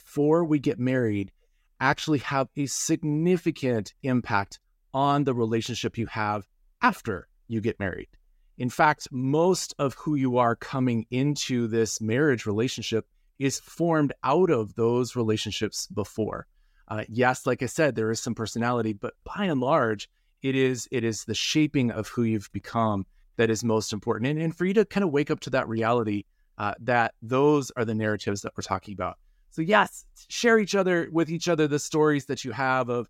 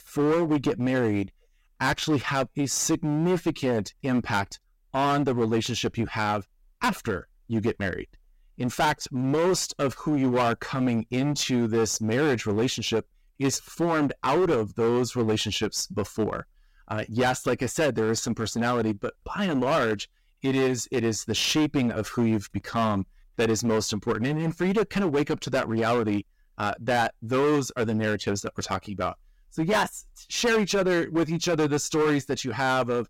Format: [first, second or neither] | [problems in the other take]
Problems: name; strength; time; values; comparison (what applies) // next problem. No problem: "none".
first | distortion; heavy; 12% of the sound clipped